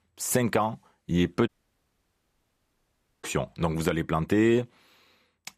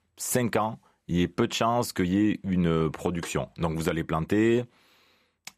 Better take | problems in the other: second | audio cutting out; at 1.5 s for 2 s

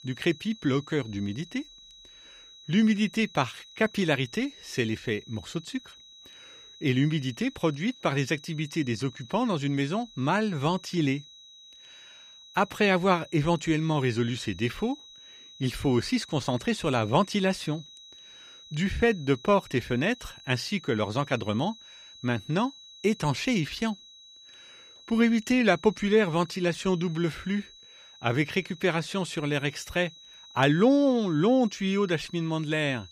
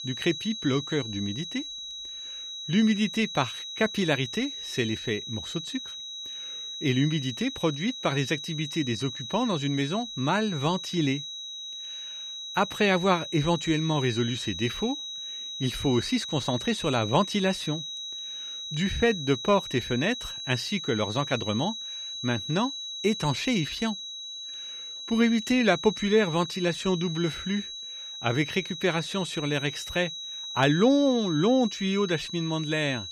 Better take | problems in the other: first | high-pitched whine; loud; throughout; 4 kHz, 7 dB below the speech; faint in the first

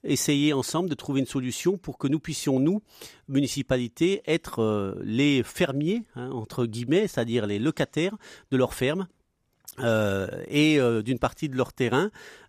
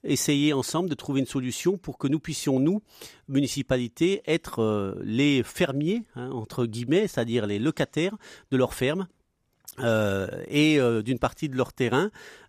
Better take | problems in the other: neither | none

